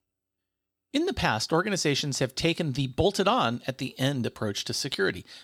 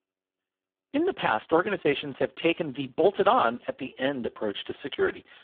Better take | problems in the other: first | phone-call audio; poor line

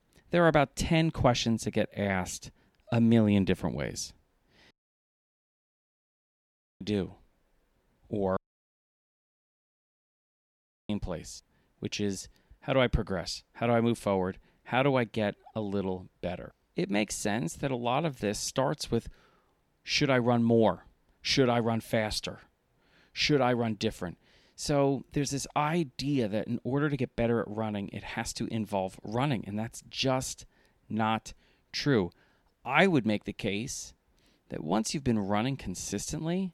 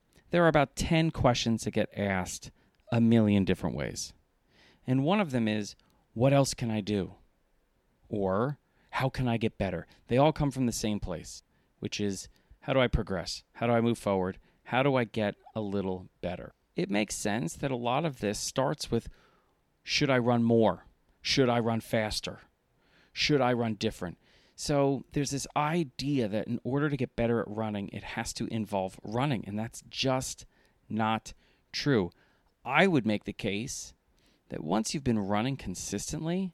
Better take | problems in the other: second | audio cutting out; at 4.5 s for 2 s and at 8.5 s for 2.5 s

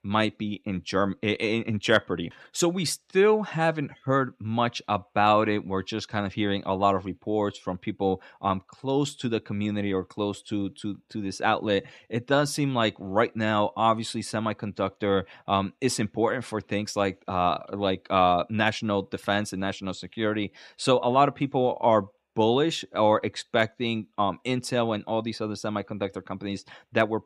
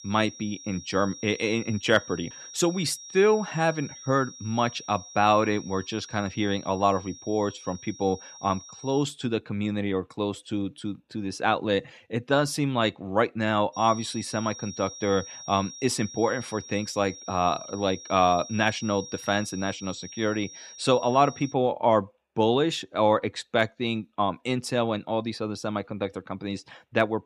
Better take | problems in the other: first | high-pitched whine; noticeable; until 9 s and from 14 to 22 s; 5.5 kHz, 15 dB below the speech

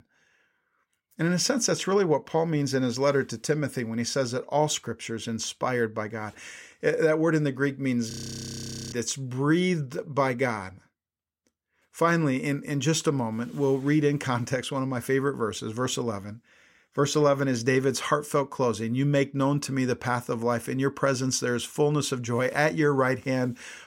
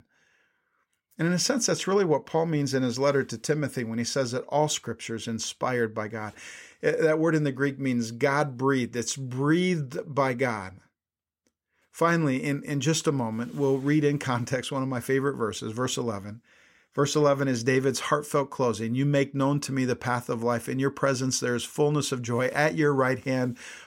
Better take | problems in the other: second | audio freezing; at 8 s for 1 s

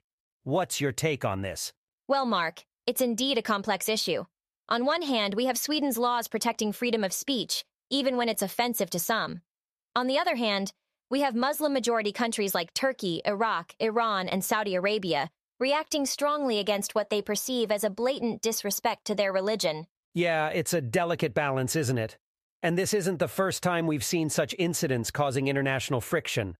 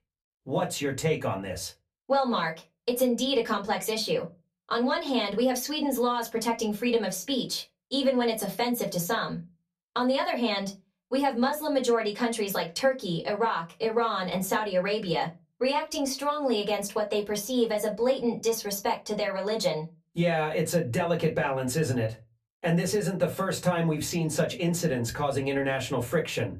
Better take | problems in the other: first | off-mic speech; far // room echo; very slight; dies away in 0.2 s

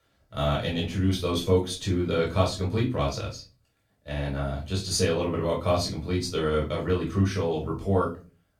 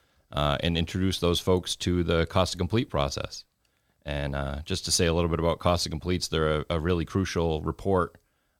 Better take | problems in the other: second | off-mic speech; far // room echo; slight; dies away in 0.3 s

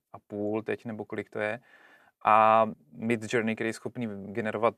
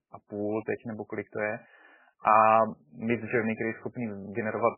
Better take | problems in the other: first | garbled, watery; badly; nothing above 2.5 kHz

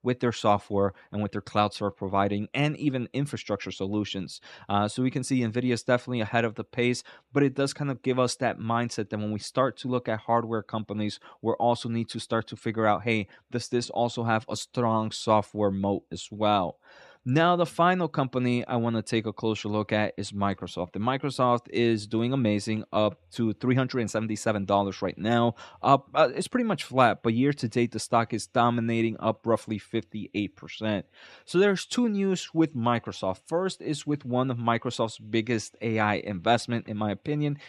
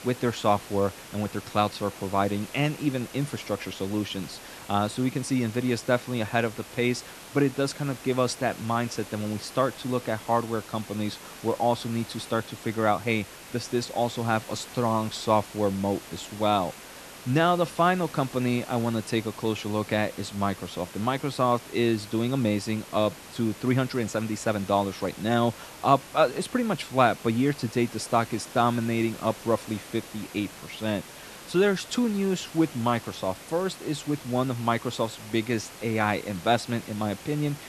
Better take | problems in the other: first | hiss; noticeable; throughout; 15 dB below the speech

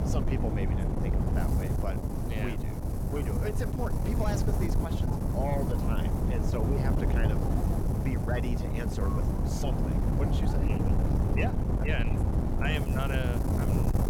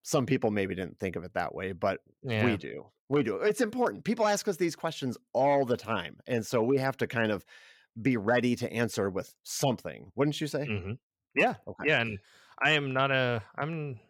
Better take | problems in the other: second | wind noise on the microphone; heavy; 1 dB above the speech

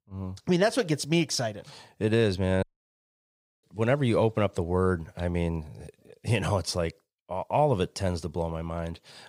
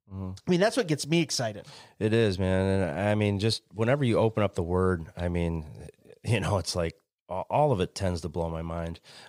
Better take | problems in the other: second | audio cutting out; at 2.5 s for 1 s

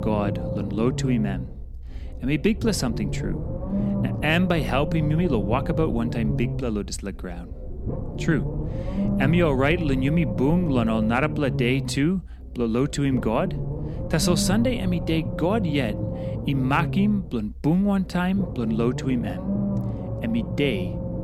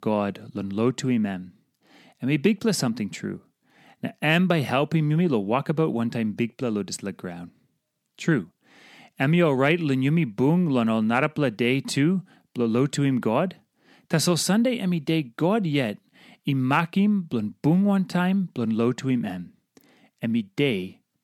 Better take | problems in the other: second | low rumble; loud; throughout; 8 dB below the speech

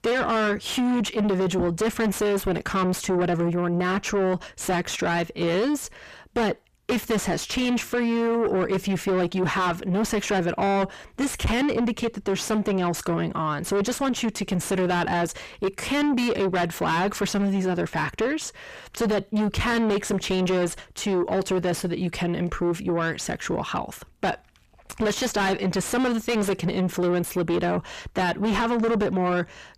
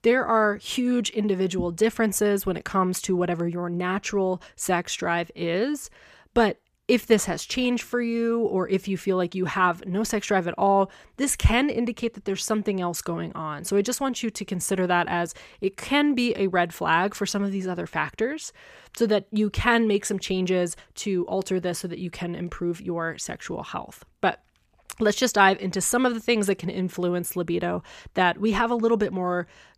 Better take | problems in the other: second | distortion; heavy; 5 dB below the speech

